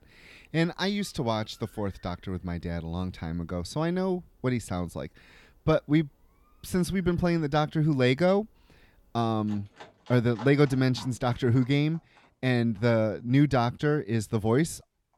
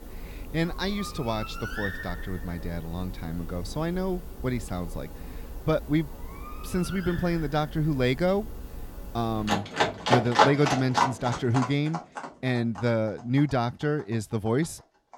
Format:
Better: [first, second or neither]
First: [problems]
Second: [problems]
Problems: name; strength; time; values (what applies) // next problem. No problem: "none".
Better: first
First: animal sounds; faint; throughout; 30 dB below the speech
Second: animal sounds; loud; throughout; 4 dB below the speech